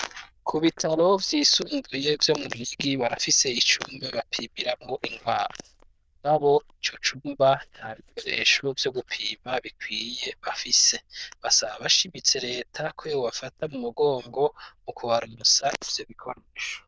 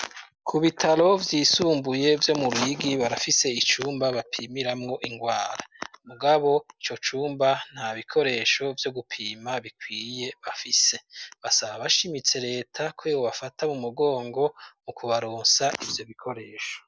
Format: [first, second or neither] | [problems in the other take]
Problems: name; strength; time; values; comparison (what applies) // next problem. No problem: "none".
second | noise reduction (neural diffusion model UNIVERSE++)